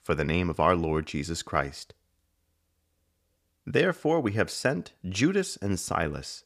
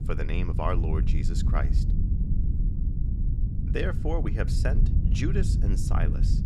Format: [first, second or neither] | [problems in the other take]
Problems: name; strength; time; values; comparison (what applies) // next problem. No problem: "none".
first | low rumble; loud; throughout; 7 dB below the speech